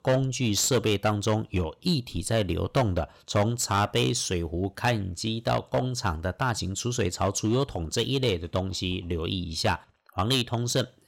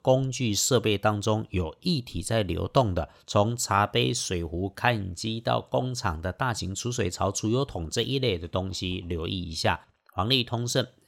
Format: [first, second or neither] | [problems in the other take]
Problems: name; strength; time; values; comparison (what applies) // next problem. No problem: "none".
second | distortion; slight; 4% of the sound clipped